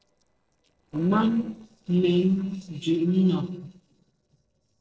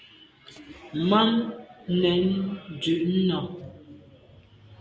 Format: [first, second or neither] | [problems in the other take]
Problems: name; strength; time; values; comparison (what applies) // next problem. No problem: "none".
second | noise reduction (neural separator model SepFormer DNS4)